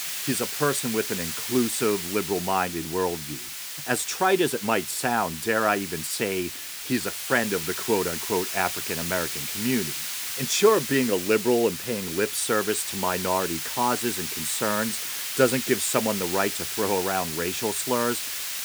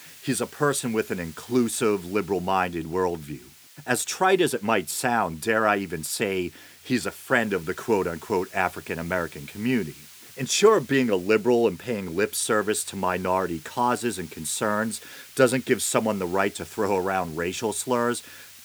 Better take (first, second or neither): second